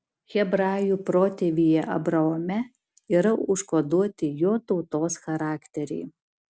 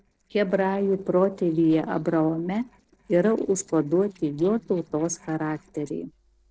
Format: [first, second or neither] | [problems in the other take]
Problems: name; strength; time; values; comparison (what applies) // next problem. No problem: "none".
first | noise reduction (neural separator model SepFormer DNS4)